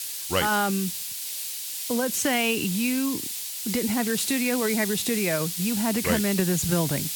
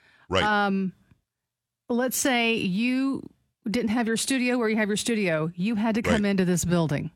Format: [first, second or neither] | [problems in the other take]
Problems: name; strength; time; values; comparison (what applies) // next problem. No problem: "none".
second | hiss; loud; throughout; 3 dB below the speech